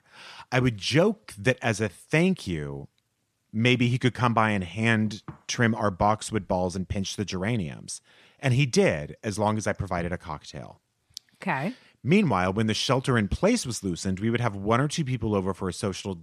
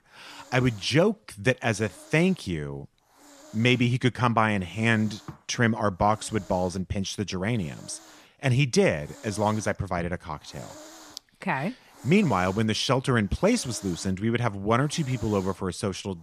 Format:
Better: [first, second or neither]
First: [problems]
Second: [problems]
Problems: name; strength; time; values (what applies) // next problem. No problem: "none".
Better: first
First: none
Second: hiss; faint; throughout; 25 dB below the speech